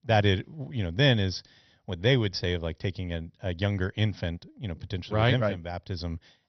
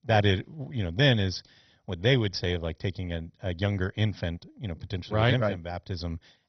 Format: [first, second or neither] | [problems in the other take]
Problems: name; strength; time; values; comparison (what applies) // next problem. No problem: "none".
first | garbled, watery; badly; nothing above 6 kHz; slightly in the first